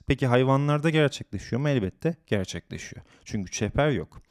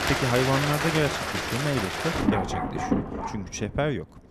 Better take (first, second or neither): first